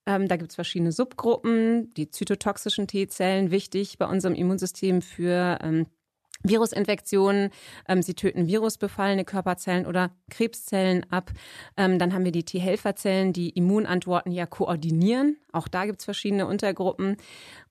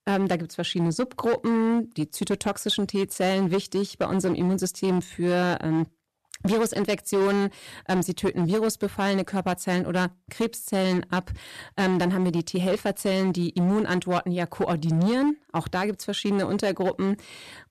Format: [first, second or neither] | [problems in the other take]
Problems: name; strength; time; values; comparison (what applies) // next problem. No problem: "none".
first | distortion; slight; 13% of the sound clipped